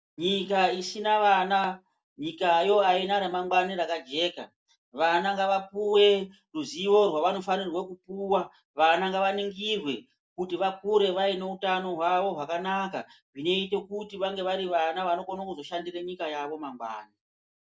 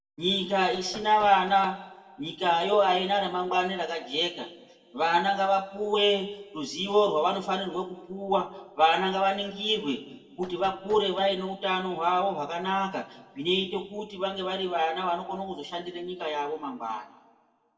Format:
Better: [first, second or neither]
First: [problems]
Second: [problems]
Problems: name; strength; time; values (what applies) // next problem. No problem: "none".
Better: first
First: none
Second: background sound (Knock); 19 dB below the speech // room echo; dies away in 1 s